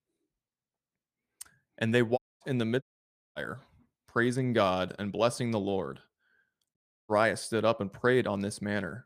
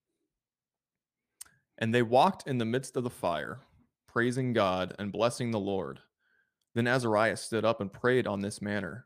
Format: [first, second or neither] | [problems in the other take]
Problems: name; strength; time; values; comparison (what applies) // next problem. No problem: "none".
second | audio cutting out; at 2 s, at 3 s for 0.5 s and at 7 s